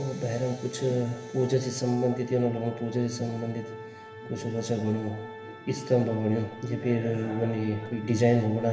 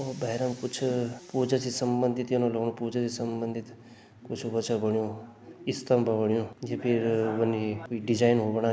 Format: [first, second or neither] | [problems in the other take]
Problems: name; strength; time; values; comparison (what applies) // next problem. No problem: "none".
second | background sound (Organ); 15 dB below the speech // room echo; dies away in 1 s